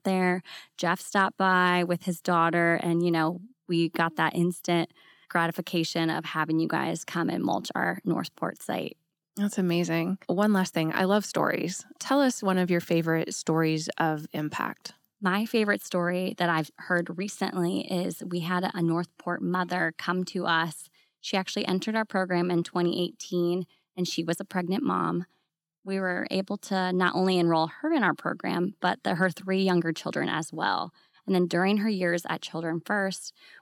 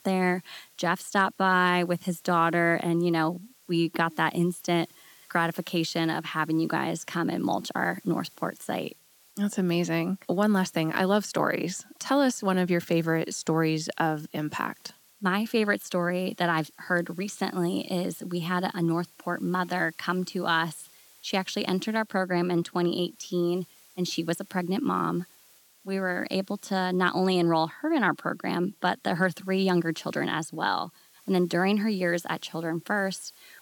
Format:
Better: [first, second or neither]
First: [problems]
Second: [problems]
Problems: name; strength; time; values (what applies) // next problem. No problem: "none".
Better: first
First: none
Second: hiss; faint; throughout; 25 dB below the speech